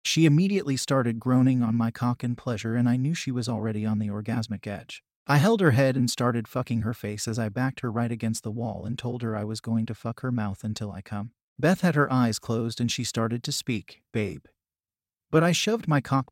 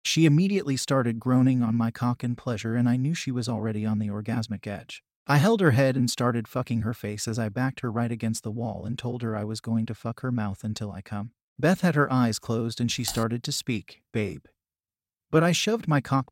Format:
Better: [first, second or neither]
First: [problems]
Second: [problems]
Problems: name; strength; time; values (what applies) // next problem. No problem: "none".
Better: first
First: none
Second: keyboard typing; noticeable; at 13 s; peak 10 dB below the speech